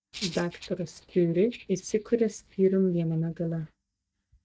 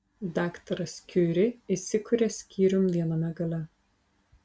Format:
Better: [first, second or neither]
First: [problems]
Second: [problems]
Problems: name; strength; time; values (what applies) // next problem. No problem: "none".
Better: second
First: noise reduction (neural mask model DeepFilterNet 3)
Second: none